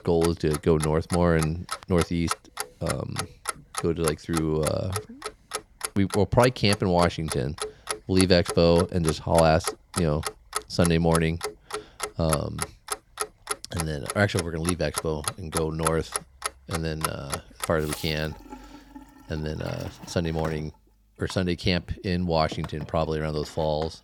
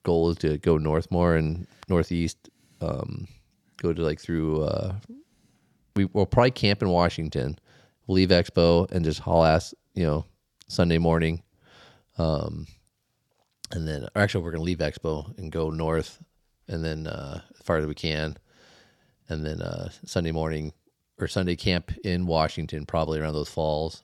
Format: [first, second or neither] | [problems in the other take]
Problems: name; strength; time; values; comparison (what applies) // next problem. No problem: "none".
second | household noises; loud; throughout; 8 dB below the speech